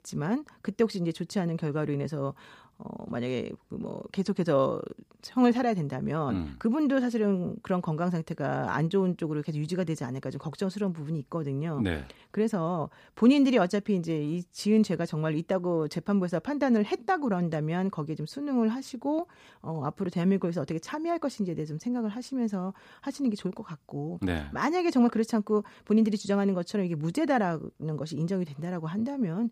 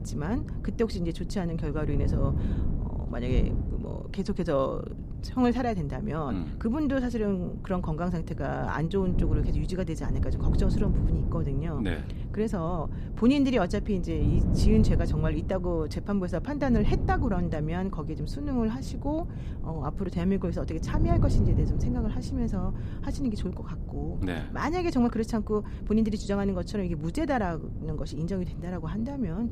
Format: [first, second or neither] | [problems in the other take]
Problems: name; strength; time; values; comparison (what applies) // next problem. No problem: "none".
first | wind noise on the microphone; occasional gusts; 10 dB below the speech